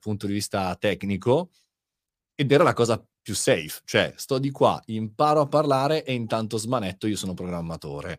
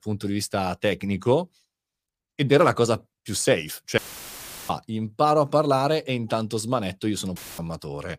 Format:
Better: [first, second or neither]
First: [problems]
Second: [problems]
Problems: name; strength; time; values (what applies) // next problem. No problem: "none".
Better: first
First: none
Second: audio cutting out; filled with static; at 4 s for 0.5 s and at 7.5 s